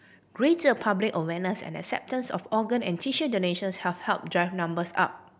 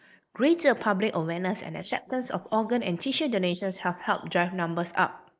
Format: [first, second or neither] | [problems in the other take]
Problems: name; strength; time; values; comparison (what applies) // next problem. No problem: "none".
first | noise reduction (neural mask model Resemble Enhance denoiser)